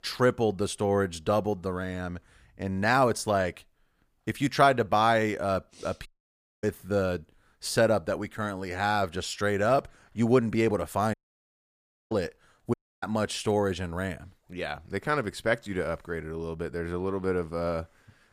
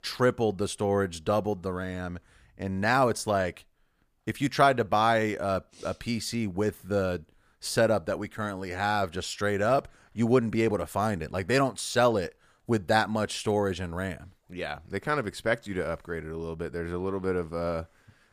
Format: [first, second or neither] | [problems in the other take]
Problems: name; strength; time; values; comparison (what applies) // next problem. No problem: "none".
second | audio cutting out; at 6 s for 0.5 s, at 11 s for 1 s and at 13 s